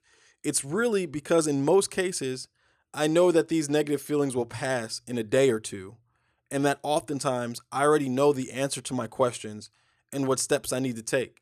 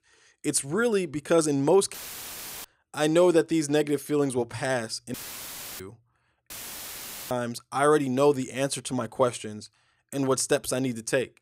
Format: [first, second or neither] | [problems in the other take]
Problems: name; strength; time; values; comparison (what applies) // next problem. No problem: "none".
first | audio cutting out; filled with static; at 2 s for 0.5 s, at 5 s for 0.5 s and at 6.5 s for 1 s